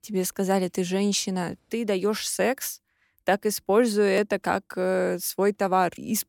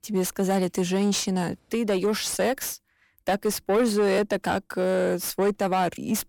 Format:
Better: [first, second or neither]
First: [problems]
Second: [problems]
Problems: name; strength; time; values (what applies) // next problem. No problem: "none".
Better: first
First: none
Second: distortion; slight; 10 dB below the speech